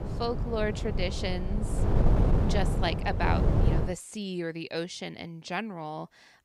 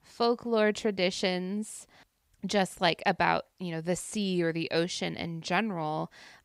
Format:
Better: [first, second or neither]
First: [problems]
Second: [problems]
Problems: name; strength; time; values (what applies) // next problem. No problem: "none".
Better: second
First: wind noise on the microphone; heavy; until 4 s; 3 dB below the speech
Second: none